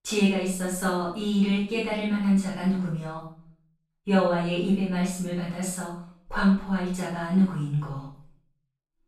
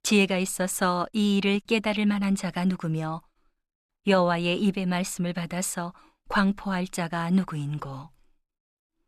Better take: second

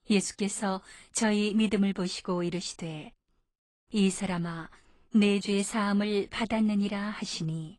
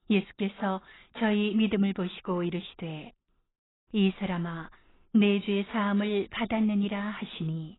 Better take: first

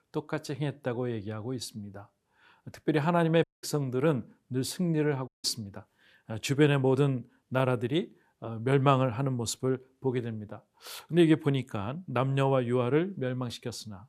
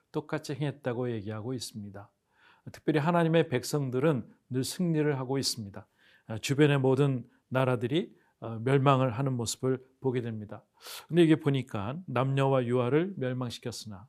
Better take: second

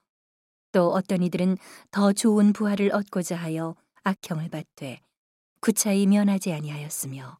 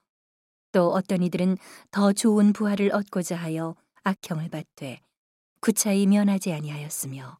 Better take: neither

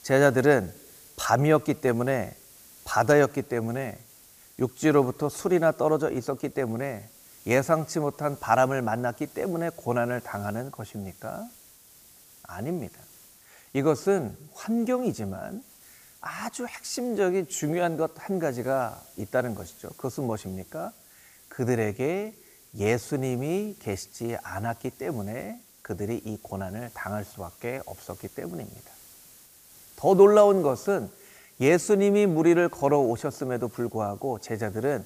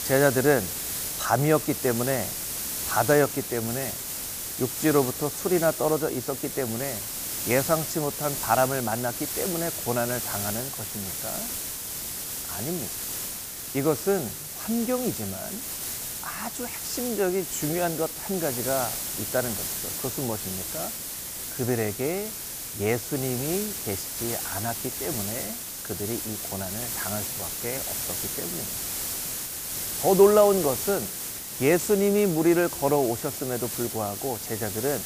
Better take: first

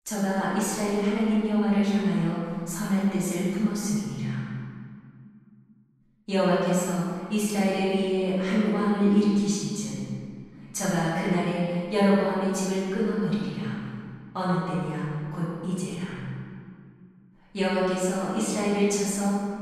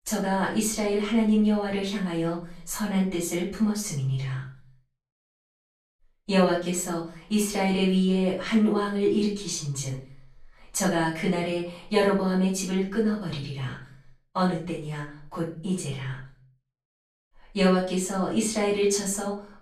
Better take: second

